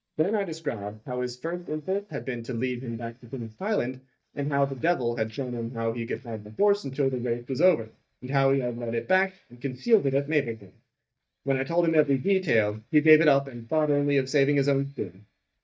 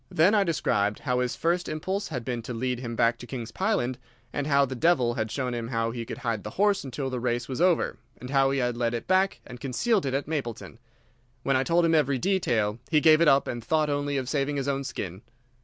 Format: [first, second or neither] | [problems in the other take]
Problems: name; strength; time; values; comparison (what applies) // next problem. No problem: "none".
second | noise reduction (neural mask model DeepFilterNet 3)